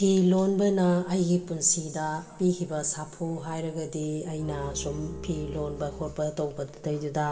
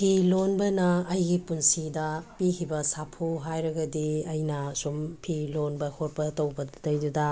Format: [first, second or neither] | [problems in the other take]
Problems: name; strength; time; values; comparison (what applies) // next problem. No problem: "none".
second | background sound (Bowed string instrument); 13 dB below the speech // room echo; dies away in 1.3 s